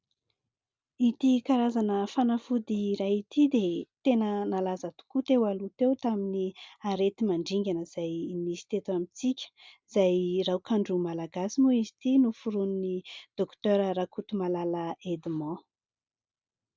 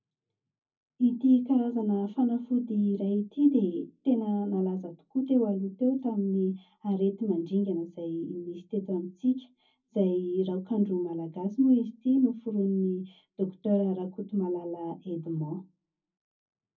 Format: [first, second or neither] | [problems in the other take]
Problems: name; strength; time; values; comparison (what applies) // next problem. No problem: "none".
first | room echo; dies away in 0.3 s